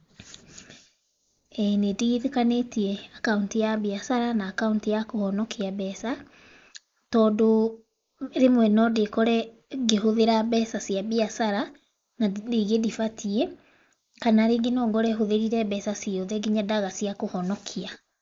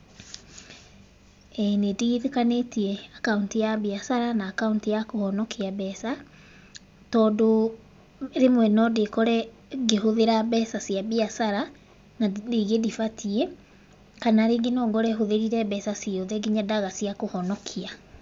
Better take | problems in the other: second | noise reduction (neural mask model Resemble Enhance denoiser)

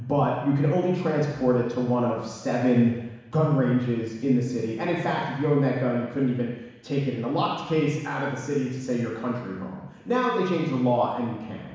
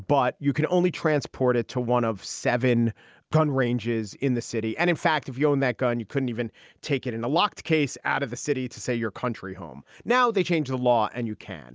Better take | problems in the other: second | room echo; dies away in 1.1 s

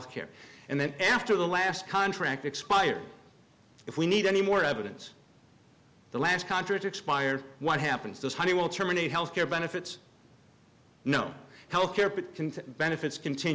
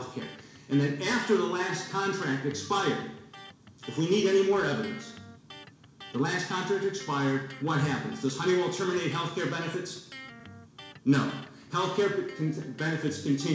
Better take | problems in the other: first | background sound (Electric guitar); 19 dB below the speech // room echo; dies away in 0.7 s

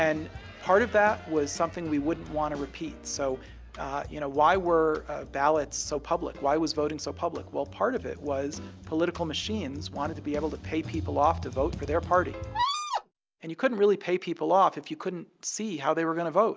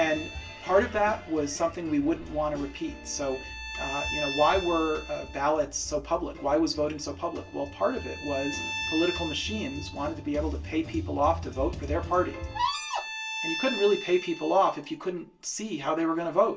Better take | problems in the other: first | background sound (Bowed string instrument); 12 dB below the speech // room echo; dies away in 0.2 s

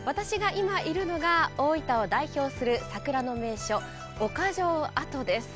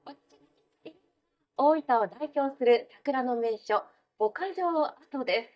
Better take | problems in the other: first | noise reduction (neural mask model DeepFilterNet 3)

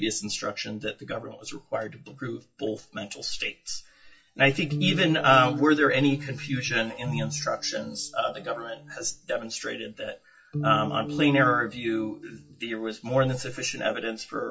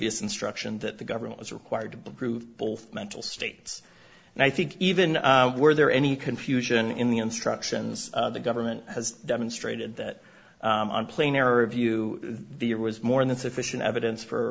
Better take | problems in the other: second | noise reduction (classical method WPE with log-MMSE)

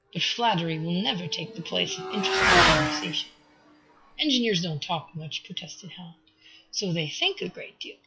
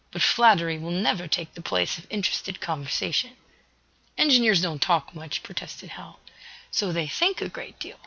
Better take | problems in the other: second | noise reduction (classical method WPE with log-MMSE)

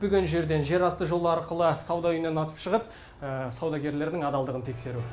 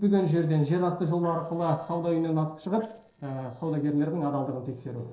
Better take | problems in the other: first | noise reduction (neural separator model SepFormer DNS4)

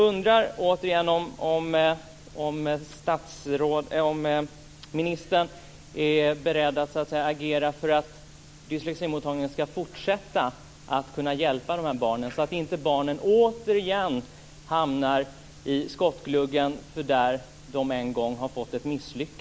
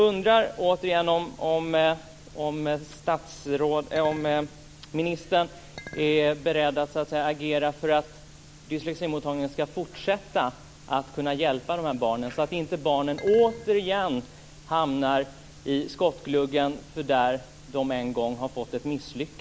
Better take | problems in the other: first | background sound (Chink, clink); 19 dB below the speech

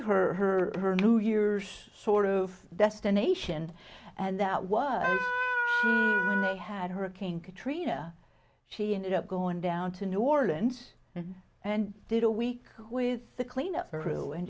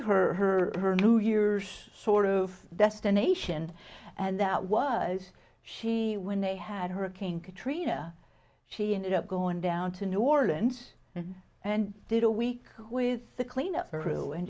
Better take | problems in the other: second | background sound (Wind instrument, woodwind instrument); 2 dB above the speech

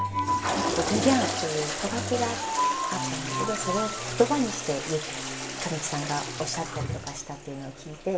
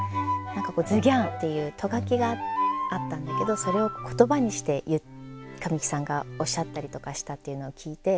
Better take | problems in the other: second | background sound (Toilet flush); 4 dB below the speech // room echo; dies away in 0.9 s

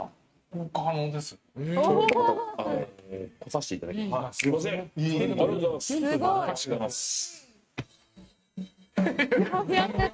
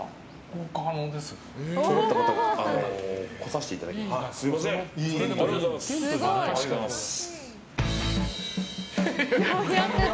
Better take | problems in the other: second | noise reduction (neural mask model RNNoise)

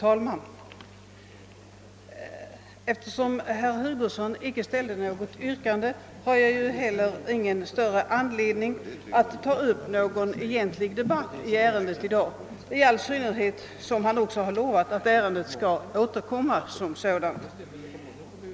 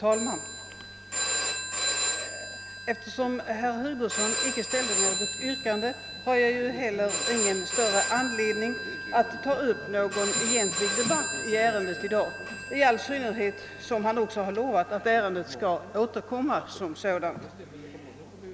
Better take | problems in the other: first | background sound (Telephone); 4 dB below the speech

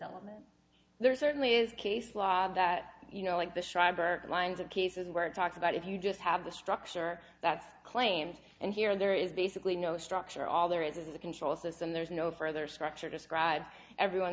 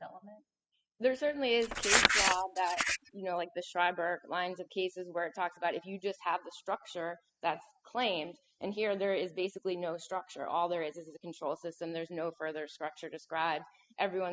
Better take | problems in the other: first | noise reduction (classical method spectral subtraction)

